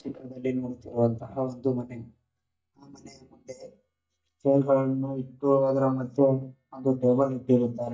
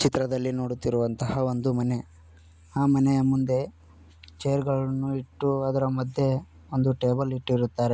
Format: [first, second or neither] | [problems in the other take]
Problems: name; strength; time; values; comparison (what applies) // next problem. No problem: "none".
second | noise reduction (neural mask model DeepFilterNet 3)